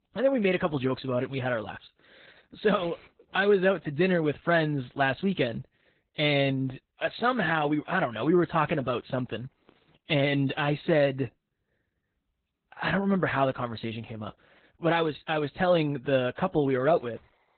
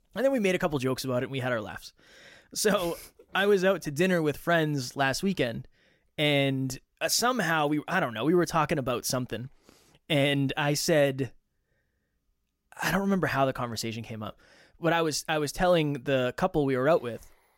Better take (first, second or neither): second